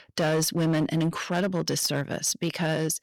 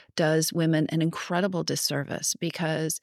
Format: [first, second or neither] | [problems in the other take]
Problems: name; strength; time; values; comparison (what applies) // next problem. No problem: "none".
second | distortion; slight; 10% of the sound clipped